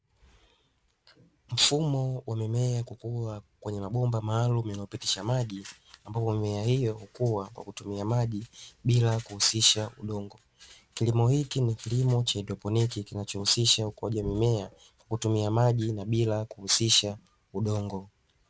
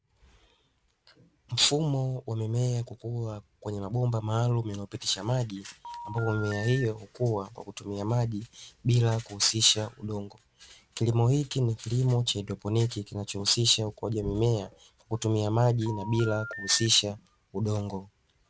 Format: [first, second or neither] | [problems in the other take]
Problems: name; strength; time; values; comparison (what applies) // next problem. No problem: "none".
first | background sound (Telephone); 12 dB below the speech